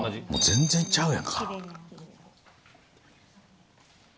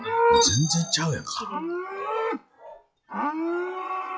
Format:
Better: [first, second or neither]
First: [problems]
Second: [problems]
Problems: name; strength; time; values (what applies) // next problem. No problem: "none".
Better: first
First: none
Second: noise reduction (classical method log-MMSE)